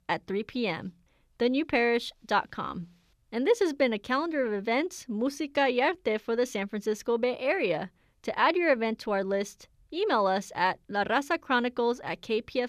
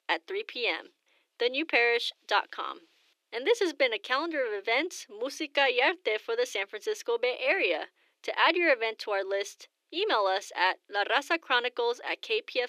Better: first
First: none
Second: thin; very; fading below 300 Hz

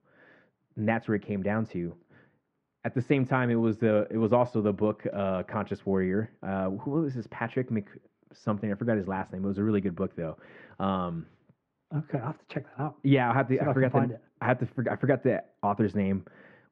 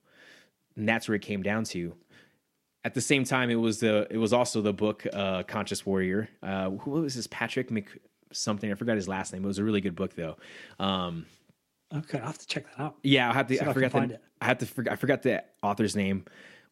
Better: second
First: muffled; very; fading above 1.5 kHz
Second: none

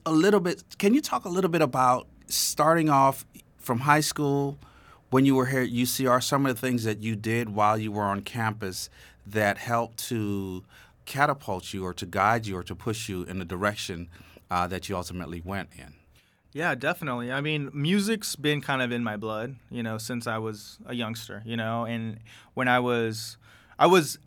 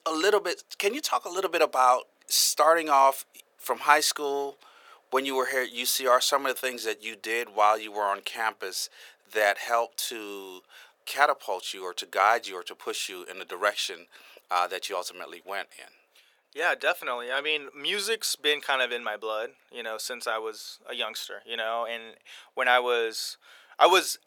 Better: first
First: none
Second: thin; very; fading below 450 Hz

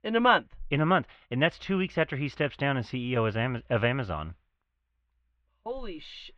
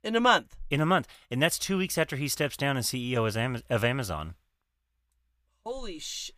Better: second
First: muffled; very; fading above 3 kHz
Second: none

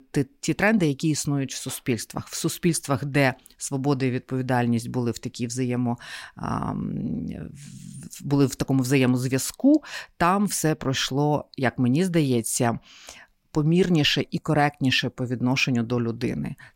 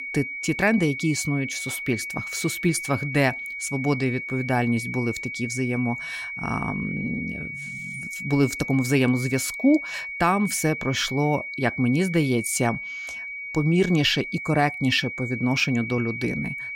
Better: first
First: none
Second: high-pitched whine; loud; throughout; 2.5 kHz, 7 dB below the speech

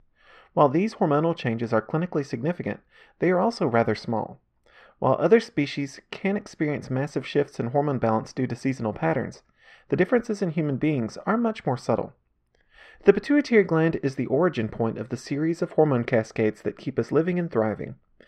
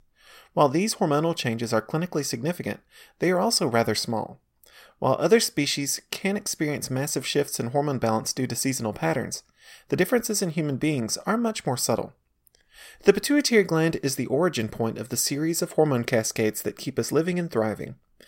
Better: second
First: muffled; very; fading above 2 kHz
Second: none

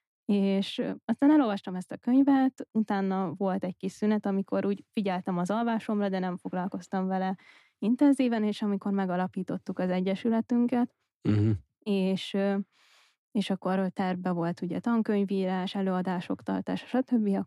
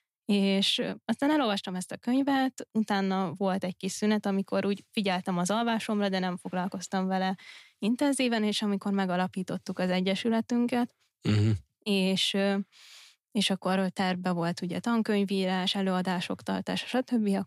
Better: second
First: muffled; slightly; fading above 2 kHz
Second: none

